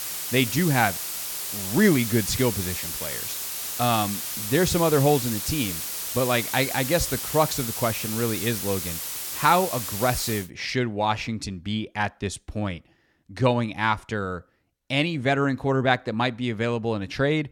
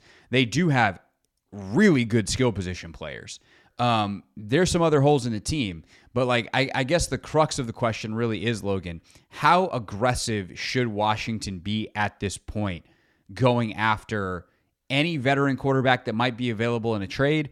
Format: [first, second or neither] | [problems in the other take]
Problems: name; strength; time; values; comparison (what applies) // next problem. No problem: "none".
second | hiss; loud; until 10 s; 4 dB below the speech